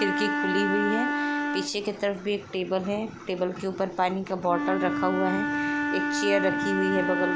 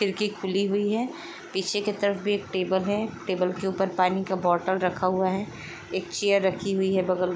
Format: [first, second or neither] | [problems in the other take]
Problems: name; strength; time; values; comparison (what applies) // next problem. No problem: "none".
second | background sound (Wind instrument, woodwind instrument); 1 dB below the speech